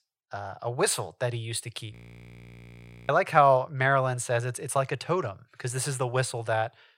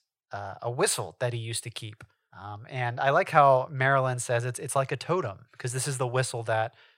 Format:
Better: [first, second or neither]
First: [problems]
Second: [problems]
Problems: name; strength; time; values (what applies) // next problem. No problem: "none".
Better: second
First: audio freezing; at 2 s for 1 s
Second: none